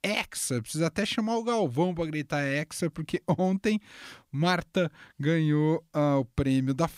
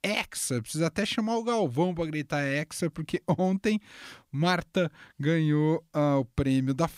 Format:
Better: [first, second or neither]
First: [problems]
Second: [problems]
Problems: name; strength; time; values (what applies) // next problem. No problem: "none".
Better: neither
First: none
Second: none